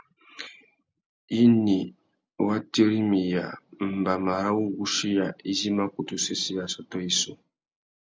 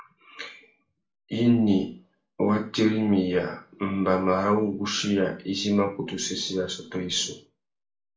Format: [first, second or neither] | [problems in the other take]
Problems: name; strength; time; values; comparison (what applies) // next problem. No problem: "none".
first | room echo; dies away in 0.3 s